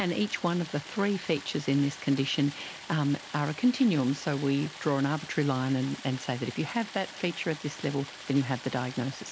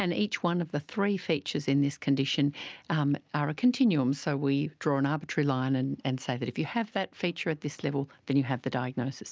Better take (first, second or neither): second